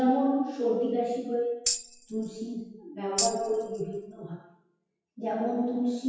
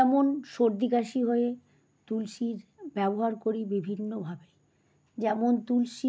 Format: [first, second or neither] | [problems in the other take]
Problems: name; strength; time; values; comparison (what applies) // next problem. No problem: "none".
second | noise reduction (classical method WPE with log-MMSE)